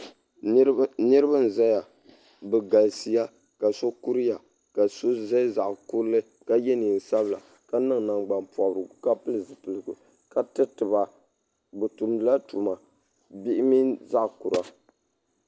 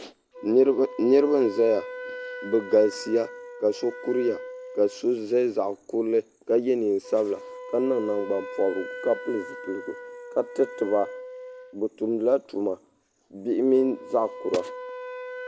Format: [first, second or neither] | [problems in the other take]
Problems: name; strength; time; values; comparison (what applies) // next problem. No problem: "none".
first | background sound (Wind instrument, woodwind instrument); 14 dB below the speech